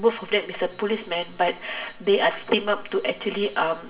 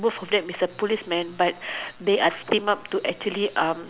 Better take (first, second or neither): second